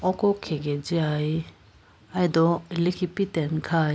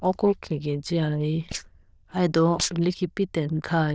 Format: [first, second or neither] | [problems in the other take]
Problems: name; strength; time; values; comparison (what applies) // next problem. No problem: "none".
first | noise reduction (neural diffusion model UNIVERSE++)